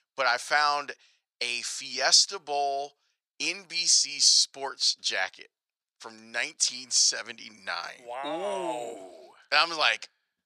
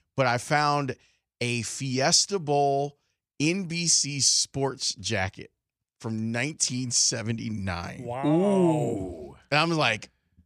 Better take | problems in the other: second | thin; very; fading below 750 Hz

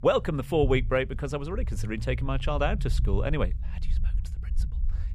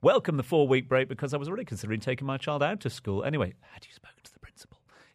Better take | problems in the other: second | low rumble; faint; throughout; 20 dB below the speech

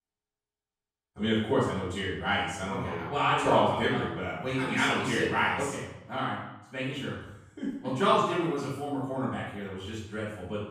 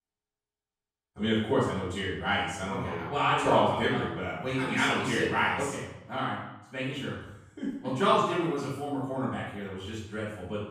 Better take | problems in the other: neither | off-mic speech; far; the same in both // room echo; noticeable; dies away in 0.7 s; the same in both

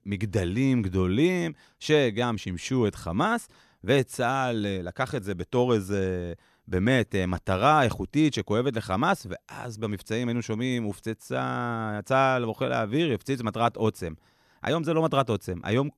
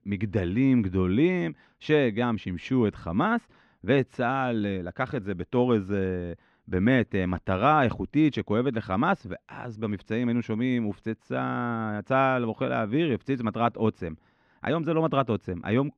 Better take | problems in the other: first | muffled; slightly; fading above 2.5 kHz

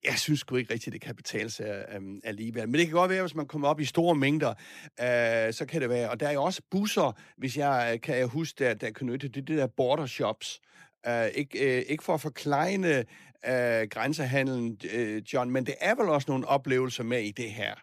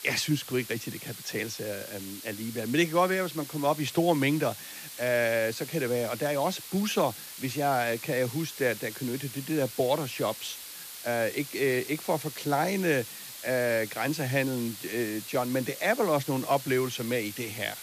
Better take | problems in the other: first | hiss; noticeable; throughout; 10 dB below the speech

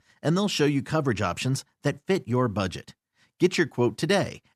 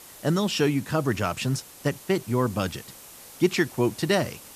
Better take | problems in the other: first | hiss; noticeable; throughout; 20 dB below the speech

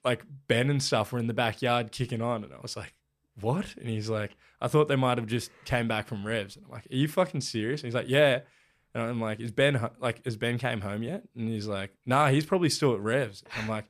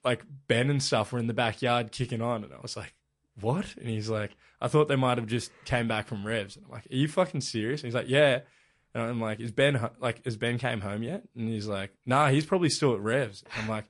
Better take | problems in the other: first | garbled, watery; slightly

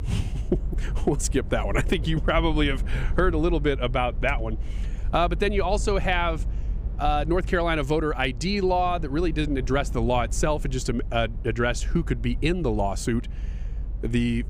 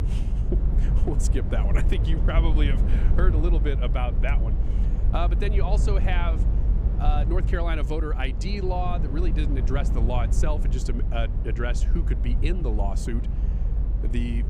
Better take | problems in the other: first | low rumble; loud; throughout; 8 dB below the speech; faint in the first

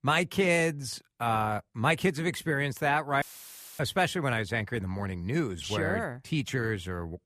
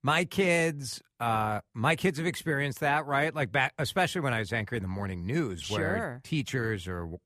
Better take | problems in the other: second | audio cutting out; filled with static; at 3 s for 0.5 s

